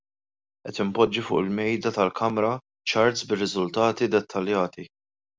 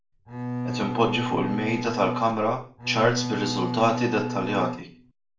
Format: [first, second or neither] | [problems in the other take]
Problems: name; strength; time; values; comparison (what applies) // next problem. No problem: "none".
first | background sound (Bowed string instrument); 4 dB below the speech // room echo; dies away in 0.4 s